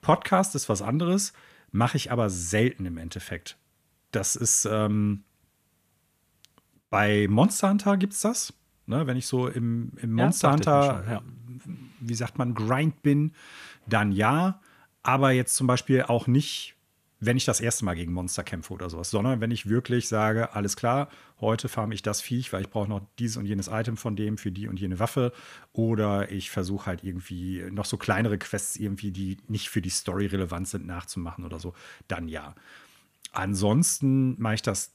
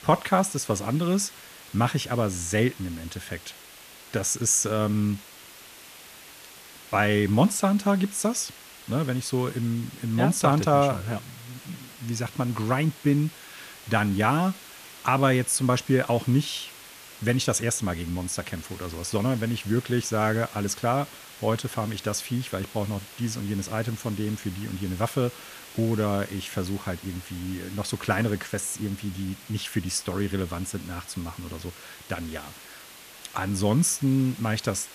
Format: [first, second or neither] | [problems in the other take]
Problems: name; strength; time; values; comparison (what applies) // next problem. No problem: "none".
first | hiss; noticeable; throughout; 15 dB below the speech